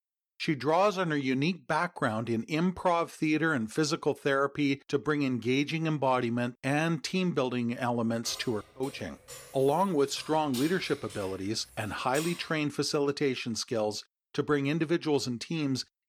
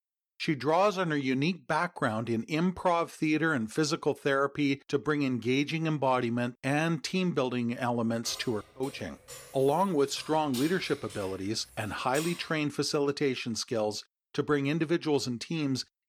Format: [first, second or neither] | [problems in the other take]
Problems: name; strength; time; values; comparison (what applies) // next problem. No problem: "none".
neither | jangling keys; noticeable; from 8.5 to 13 s; peak 9 dB below the speech; the same in both